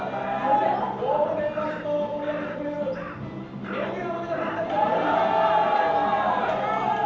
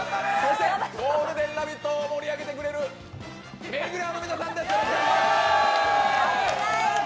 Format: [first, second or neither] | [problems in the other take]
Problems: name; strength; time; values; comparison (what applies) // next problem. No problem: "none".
second | background sound (Crow); 15 dB below the speech // room echo; dies away in 0.8 s